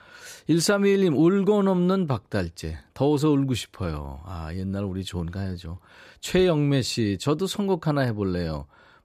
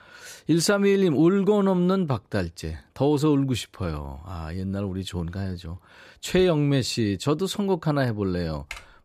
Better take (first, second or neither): first